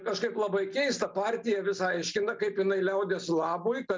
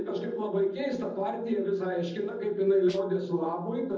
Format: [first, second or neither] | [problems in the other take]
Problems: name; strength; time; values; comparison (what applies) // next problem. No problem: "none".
first | noise reduction (neural separator model SepFormer DNS4)